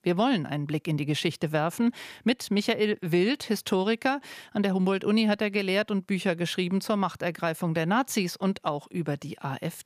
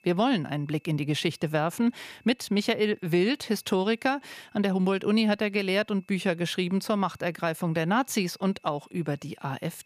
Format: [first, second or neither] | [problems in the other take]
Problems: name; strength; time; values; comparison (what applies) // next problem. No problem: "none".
first | high-pitched whine; faint; throughout; 2.5 kHz, 35 dB below the speech